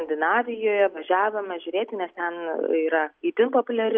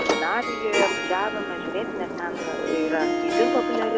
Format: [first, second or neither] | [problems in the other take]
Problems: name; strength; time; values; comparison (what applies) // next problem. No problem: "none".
first | background sound (Sliding door + Harp); 1 dB above the speech